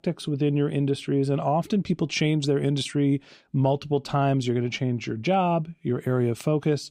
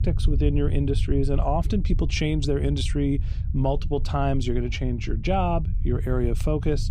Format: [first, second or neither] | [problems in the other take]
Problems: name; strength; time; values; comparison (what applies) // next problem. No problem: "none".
first | low rumble; noticeable; throughout; 15 dB below the speech